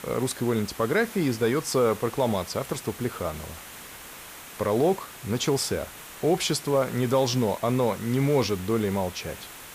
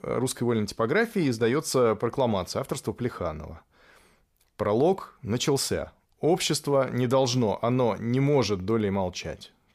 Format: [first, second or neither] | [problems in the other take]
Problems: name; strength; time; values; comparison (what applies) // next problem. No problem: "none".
second | hiss; noticeable; throughout; 15 dB below the speech